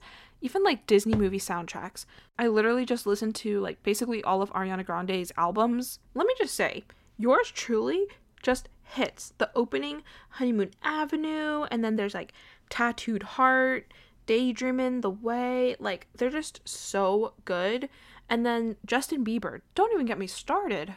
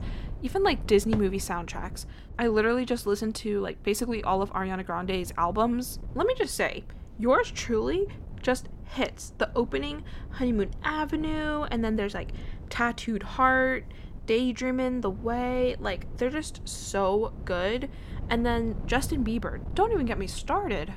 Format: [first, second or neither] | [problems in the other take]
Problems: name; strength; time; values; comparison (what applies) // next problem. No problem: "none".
first | wind noise on the microphone; occasional gusts; 25 dB below the speech